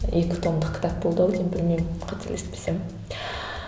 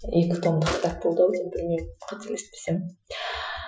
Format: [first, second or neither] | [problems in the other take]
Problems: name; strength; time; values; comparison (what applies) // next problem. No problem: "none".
first | noise reduction (classical method Wiener filter)